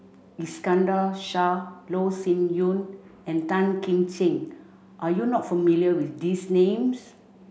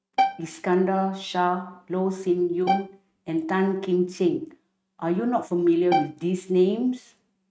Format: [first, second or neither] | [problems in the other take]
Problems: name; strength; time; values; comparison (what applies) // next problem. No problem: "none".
first | noise reduction (neural mask model RNNoise)